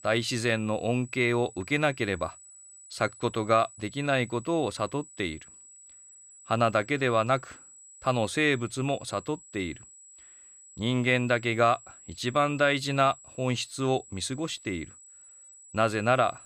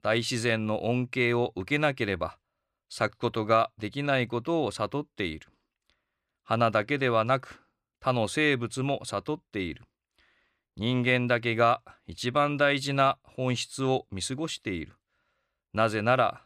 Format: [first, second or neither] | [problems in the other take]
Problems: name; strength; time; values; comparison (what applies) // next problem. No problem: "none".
second | high-pitched whine; faint; throughout; 8 kHz, 20 dB below the speech